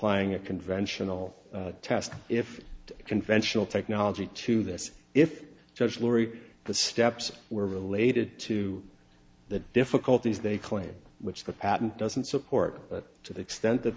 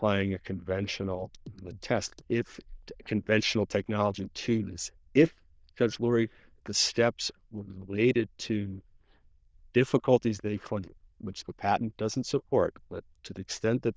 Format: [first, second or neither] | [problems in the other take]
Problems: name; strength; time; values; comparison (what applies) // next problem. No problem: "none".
first | noise reduction (neural diffusion model UNIVERSE++)